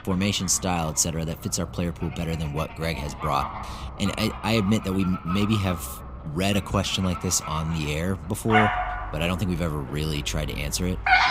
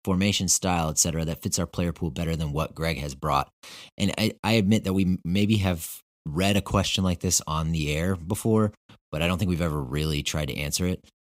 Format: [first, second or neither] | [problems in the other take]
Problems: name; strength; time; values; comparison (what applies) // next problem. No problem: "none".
second | animal sounds; loud; throughout; 6 dB below the speech